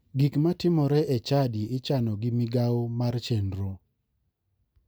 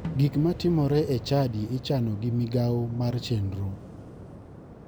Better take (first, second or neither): first